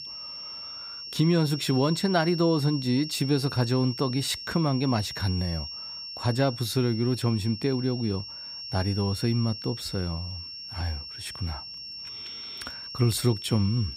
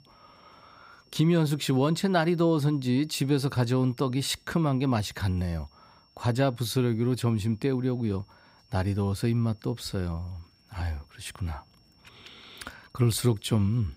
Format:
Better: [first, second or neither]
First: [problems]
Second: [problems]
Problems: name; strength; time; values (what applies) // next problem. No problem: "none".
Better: second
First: high-pitched whine; loud; throughout; 5.5 kHz, 9 dB below the speech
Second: high-pitched whine; faint; throughout; 5.5 kHz, 35 dB below the speech